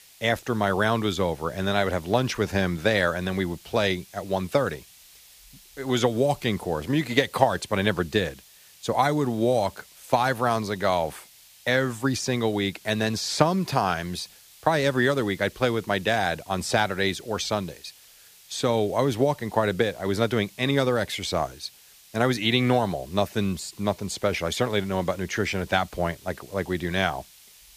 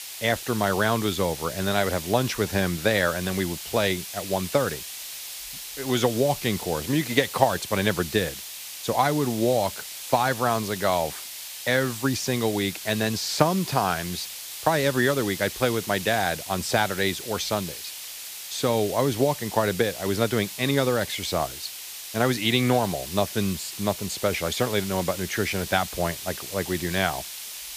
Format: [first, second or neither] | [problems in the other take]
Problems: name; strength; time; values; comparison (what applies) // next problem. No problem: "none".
first | hiss; loud; throughout; 9 dB below the speech; faint in the first